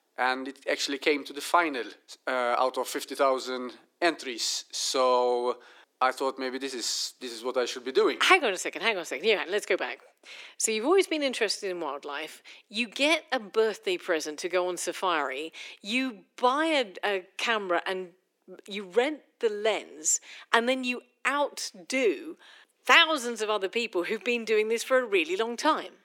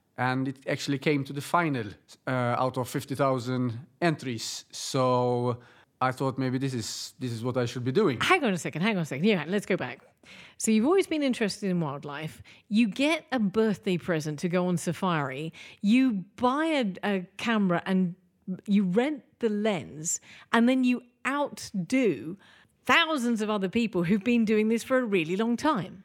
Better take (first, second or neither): second